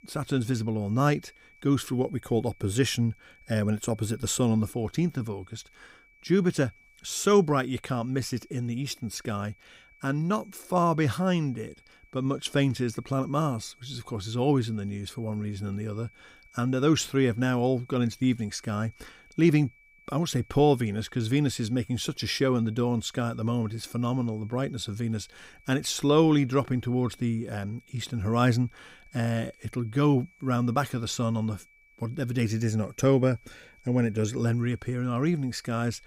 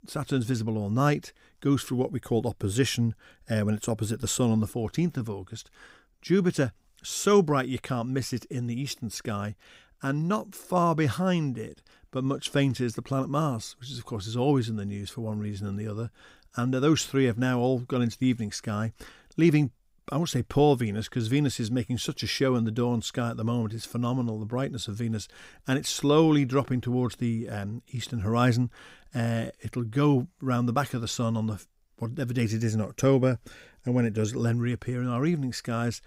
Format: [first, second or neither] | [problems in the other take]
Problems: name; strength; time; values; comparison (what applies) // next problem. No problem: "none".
second | high-pitched whine; faint; throughout; 2.5 kHz, 30 dB below the speech